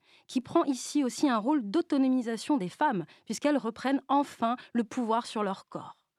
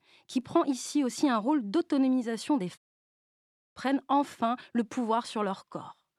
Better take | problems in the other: first | audio cutting out; at 3 s for 1 s

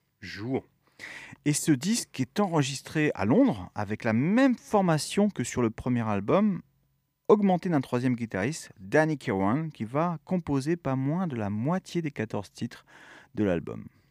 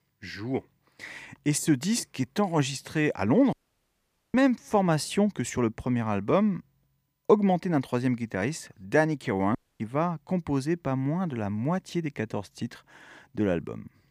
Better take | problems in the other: first | audio cutting out; at 3.5 s for 1 s and at 9.5 s

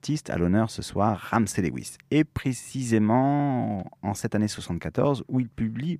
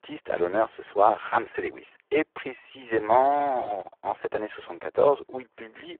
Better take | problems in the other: first | phone-call audio; poor line

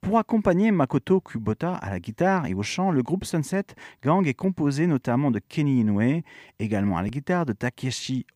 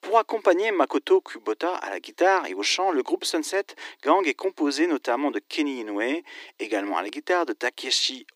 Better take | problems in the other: first | thin; somewhat; fading below 300 Hz

